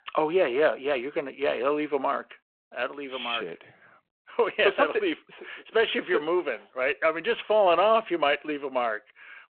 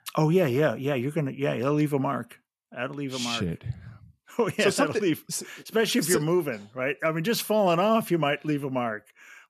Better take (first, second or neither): second